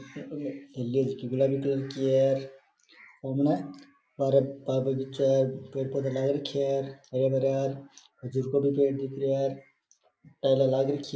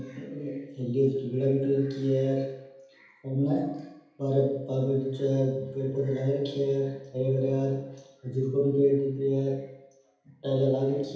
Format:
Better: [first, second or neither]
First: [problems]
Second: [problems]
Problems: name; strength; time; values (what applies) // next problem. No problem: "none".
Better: first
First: none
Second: room echo; dies away in 0.8 s